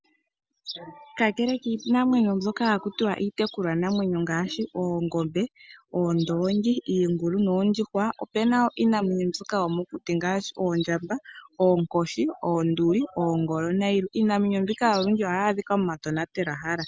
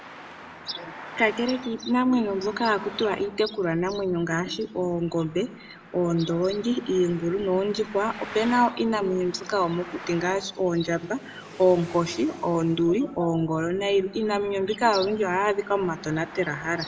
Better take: first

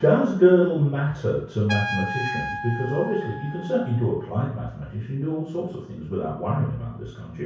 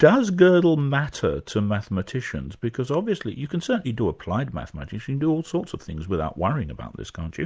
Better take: second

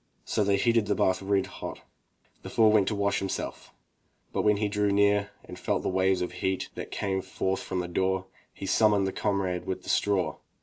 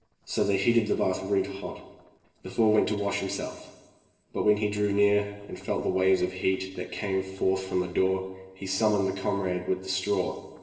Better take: first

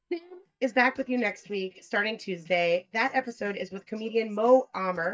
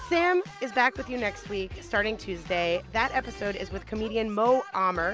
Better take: second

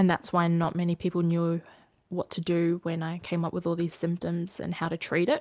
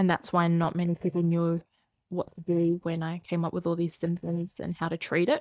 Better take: first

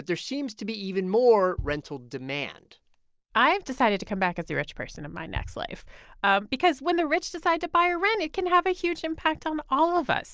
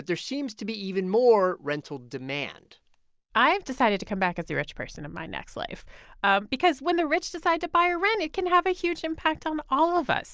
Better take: second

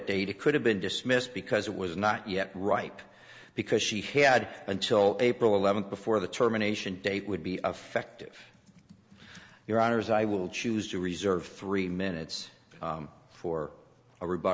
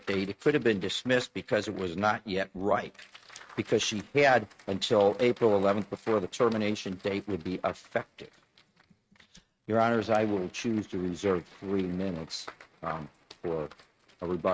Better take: first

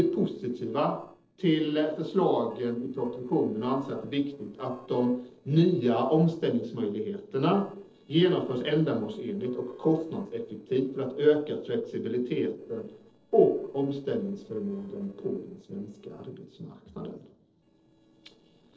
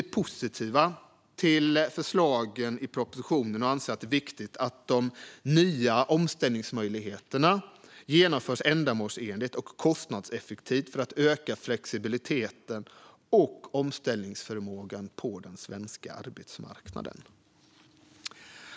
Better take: second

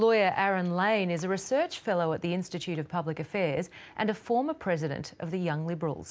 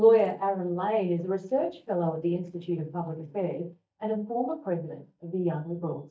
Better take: first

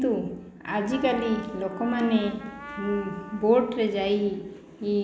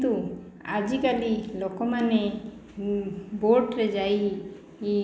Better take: second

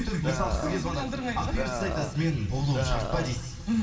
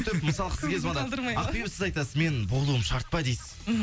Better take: second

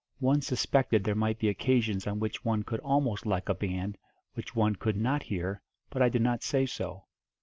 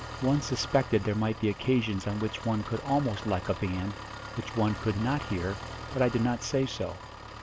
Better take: first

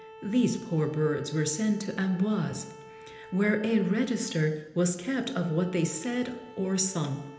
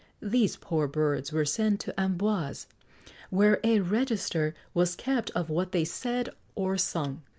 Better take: second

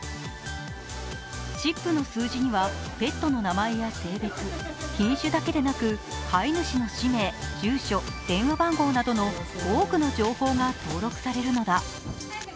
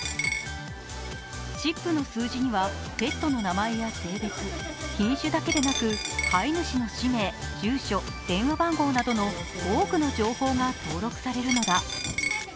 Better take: first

